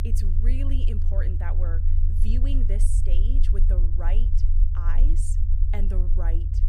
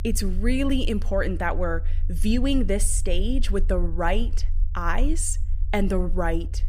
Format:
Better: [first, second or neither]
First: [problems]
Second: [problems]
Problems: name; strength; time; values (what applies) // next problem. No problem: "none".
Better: second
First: low rumble; loud; throughout; 3 dB below the speech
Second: low rumble; faint; throughout; 25 dB below the speech